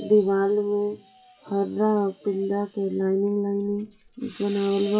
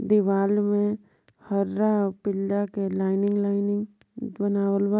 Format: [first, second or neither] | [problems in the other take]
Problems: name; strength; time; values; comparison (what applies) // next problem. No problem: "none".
second | noise reduction (classical method WPE with log-MMSE)